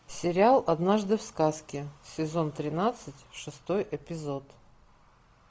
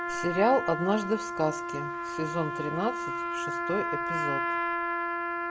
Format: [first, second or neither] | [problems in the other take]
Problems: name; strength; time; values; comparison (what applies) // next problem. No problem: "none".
first | background sound (Trumpet); 1 dB below the speech